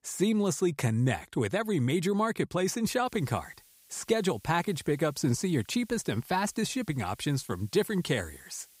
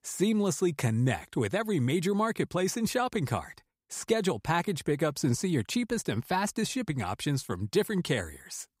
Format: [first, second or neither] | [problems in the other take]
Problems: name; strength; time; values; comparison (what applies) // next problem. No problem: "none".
second | hiss; faint; from 3 s on; 25 dB below the speech